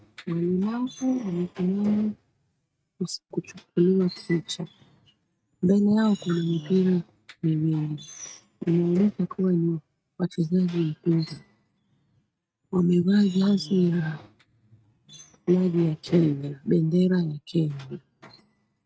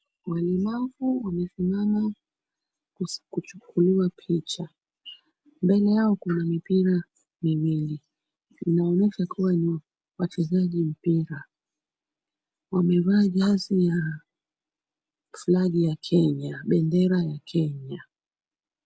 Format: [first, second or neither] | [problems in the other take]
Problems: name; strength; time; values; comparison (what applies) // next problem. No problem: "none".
second | noise reduction (neural mask model RNNoise)